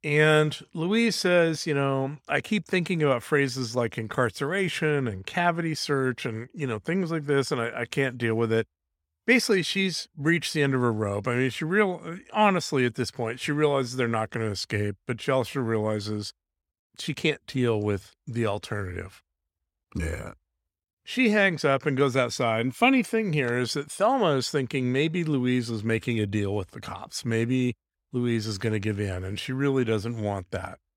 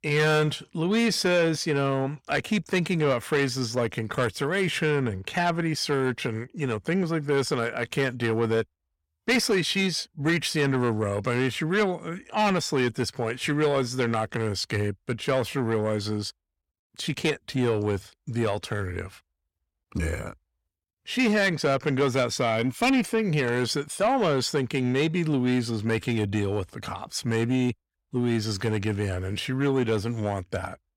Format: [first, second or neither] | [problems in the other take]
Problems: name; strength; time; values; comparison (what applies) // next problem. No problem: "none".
first | distortion; slight; 10 dB below the speech